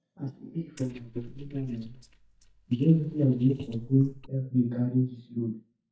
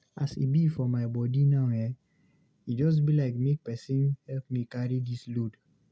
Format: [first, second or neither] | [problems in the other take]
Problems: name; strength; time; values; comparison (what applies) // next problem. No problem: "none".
second | noise reduction (neural mask model DeepFilterNet 3)